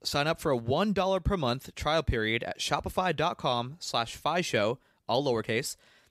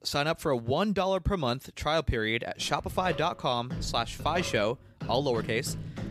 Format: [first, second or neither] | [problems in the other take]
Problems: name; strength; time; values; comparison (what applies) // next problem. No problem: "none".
first | background music; noticeable; throughout; 10 dB below the speech